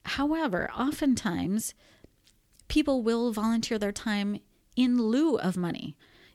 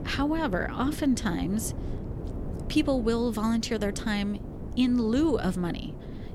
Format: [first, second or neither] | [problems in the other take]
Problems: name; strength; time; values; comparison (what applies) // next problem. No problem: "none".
first | wind noise on the microphone; occasional gusts; 15 dB below the speech